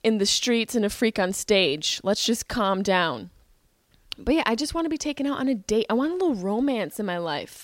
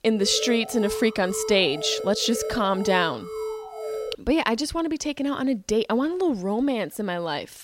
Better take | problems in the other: first | alarm; noticeable; until 4 s; peak 7 dB below the speech

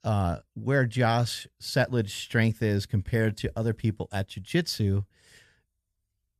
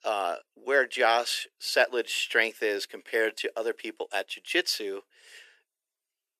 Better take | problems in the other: first | thin; very; fading below 350 Hz

